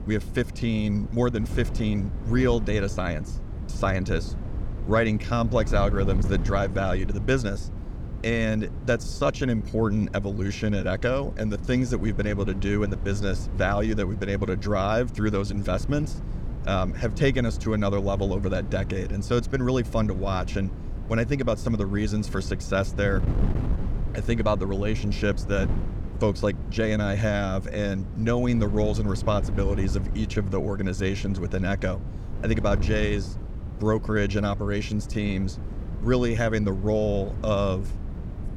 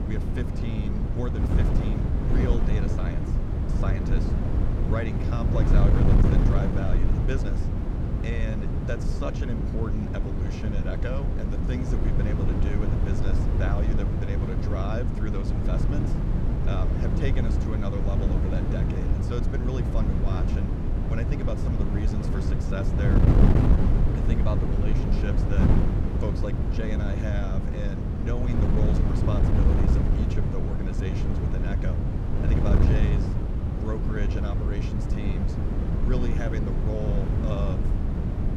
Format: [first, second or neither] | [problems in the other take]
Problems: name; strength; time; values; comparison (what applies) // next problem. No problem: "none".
first | wind noise on the microphone; heavy; 2 dB above the speech; occasional gusts in the first